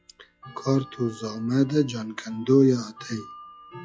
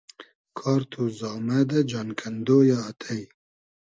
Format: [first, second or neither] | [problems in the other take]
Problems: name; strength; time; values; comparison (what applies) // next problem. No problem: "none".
second | noise reduction (classical method log-MMSE)